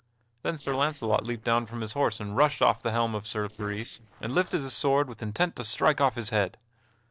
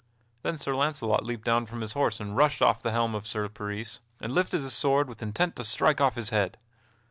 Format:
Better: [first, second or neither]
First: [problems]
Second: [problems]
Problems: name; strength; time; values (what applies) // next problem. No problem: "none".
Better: second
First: noise reduction (neural separator model SepFormer DNS4)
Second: none